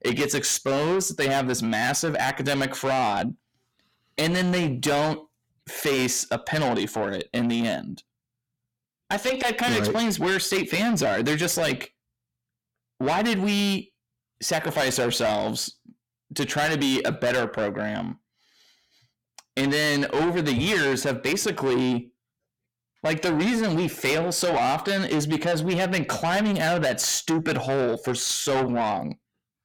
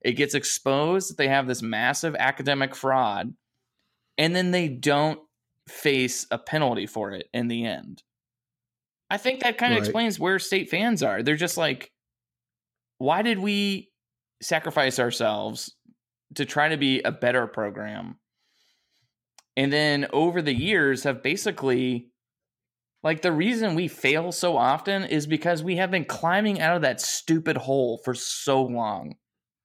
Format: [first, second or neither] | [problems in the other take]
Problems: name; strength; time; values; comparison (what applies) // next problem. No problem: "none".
second | distortion; heavy; 6 dB below the speech